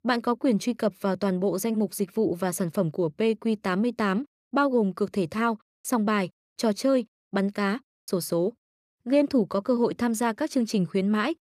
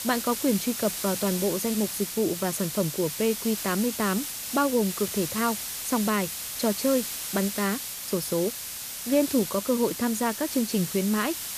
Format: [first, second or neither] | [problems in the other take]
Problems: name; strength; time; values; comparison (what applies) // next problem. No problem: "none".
first | hiss; loud; throughout; 4 dB below the speech